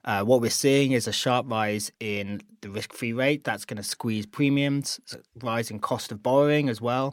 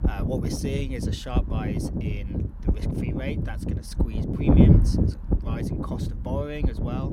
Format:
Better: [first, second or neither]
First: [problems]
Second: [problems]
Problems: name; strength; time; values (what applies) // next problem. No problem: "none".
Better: first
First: none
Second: wind noise on the microphone; heavy; 4 dB above the speech